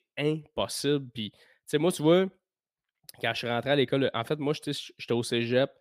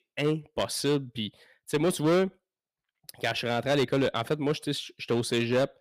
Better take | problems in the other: first | distortion; slight; 7% of the sound clipped

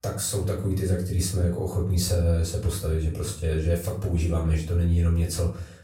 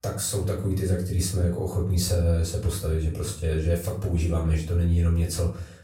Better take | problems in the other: neither | room echo; slight; dies away in 0.4 s; the same in both // off-mic speech; far; the same in both

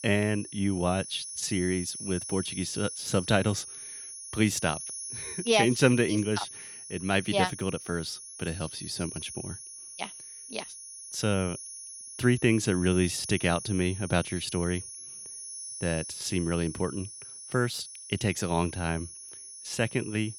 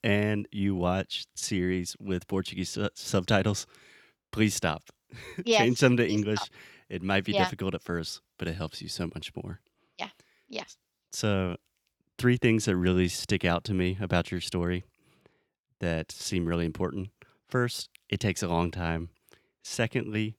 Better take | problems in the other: second | high-pitched whine; loud; throughout; 10.5 kHz, 10 dB below the speech

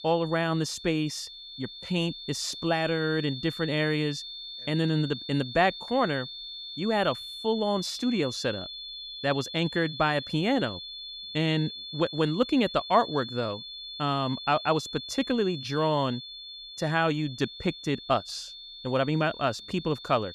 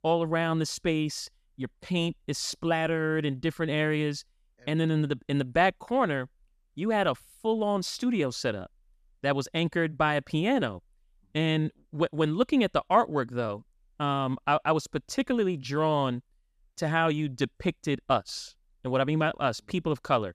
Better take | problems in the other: second | high-pitched whine; loud; throughout; 3.5 kHz, 10 dB below the speech

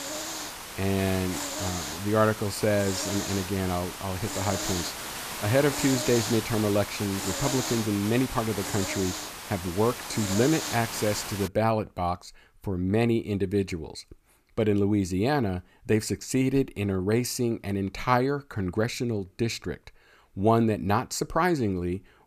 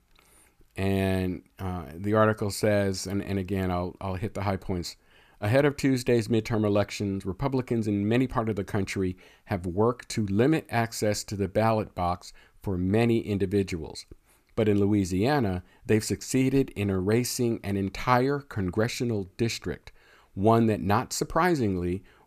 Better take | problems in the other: second | hiss; loud; until 11 s; 5 dB below the speech

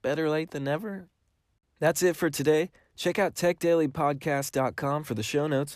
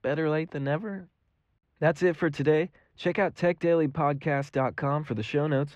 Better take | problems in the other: first | muffled; slightly; fading above 2.5 kHz

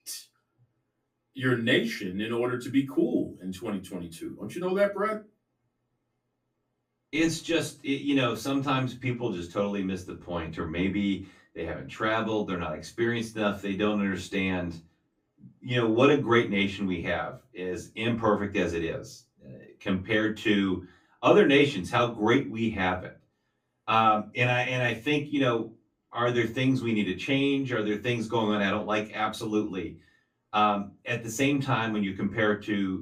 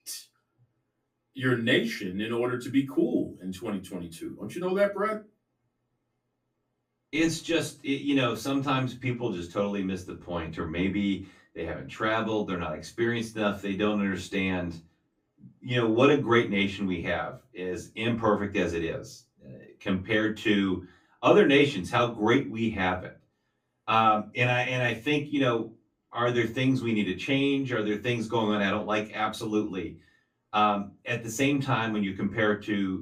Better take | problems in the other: neither | off-mic speech; far; the same in both // room echo; very slight; dies away in 0.2 s; the same in both

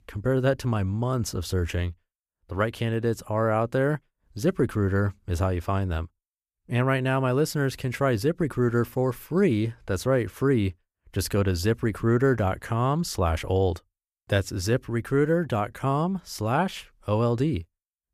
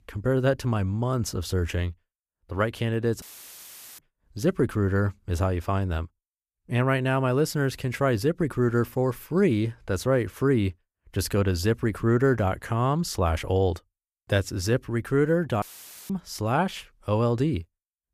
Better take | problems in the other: first | audio cutting out; filled with static; at 3 s for 1 s and at 16 s

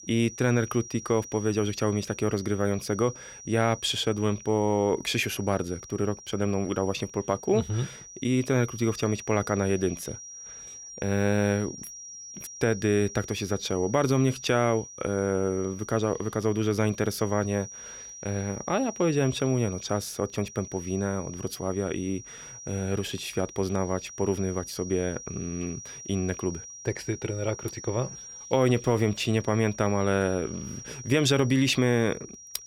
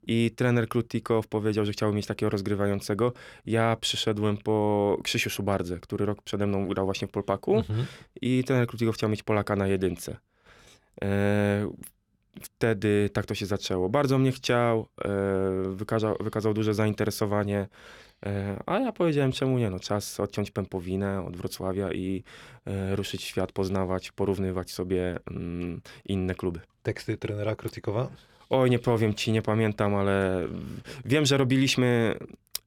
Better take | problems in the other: second | high-pitched whine; noticeable; throughout; 5.5 kHz, 15 dB below the speech

